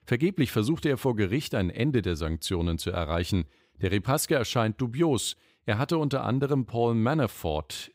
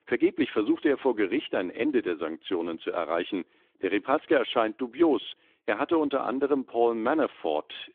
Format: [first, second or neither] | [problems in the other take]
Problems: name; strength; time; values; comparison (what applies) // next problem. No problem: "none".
first | phone-call audio; nothing above 3.5 kHz